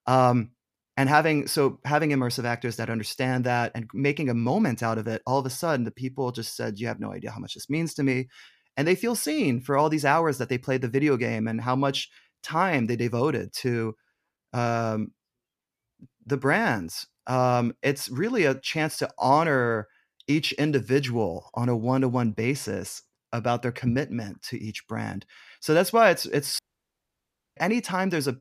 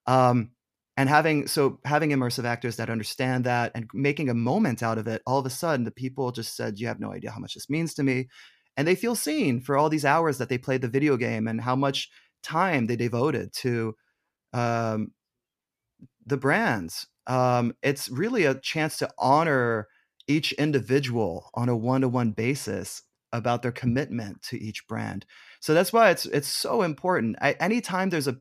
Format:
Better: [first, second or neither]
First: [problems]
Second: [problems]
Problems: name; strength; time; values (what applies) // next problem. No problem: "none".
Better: second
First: audio cutting out; at 27 s for 1 s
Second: none